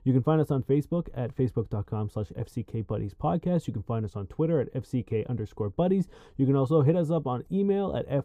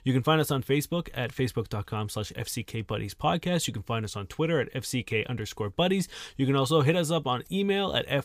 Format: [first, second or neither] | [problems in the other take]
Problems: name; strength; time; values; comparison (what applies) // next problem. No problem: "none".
second | muffled; very; fading above 1 kHz